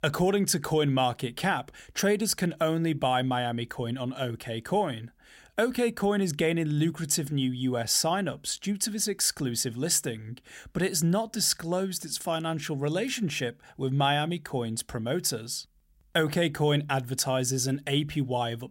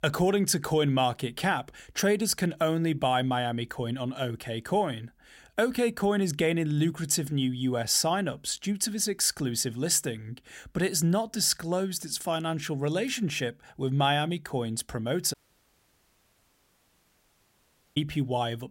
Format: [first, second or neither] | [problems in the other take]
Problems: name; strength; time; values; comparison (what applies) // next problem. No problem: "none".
first | audio cutting out; at 15 s for 2.5 s